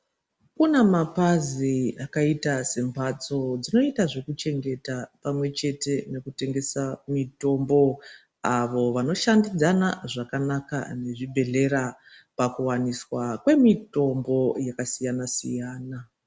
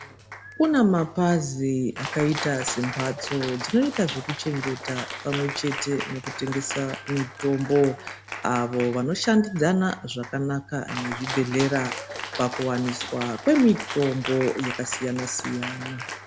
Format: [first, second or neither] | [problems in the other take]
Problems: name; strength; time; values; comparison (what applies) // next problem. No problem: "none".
first | background sound (Cheering); 10 dB below the speech